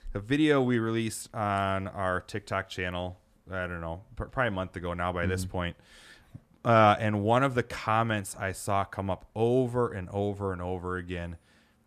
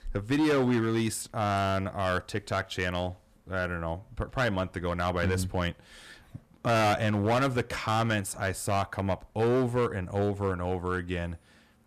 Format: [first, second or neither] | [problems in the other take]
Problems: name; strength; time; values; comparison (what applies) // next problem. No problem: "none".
first | distortion; heavy; 8% of the sound clipped